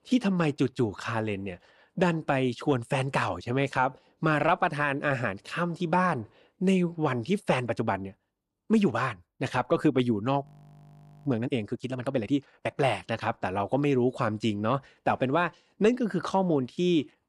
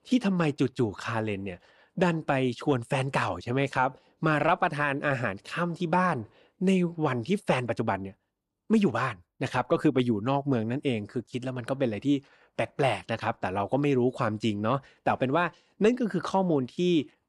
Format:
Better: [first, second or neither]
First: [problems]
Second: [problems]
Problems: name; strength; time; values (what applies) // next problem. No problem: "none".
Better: second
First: audio freezing; at 10 s for 1 s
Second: none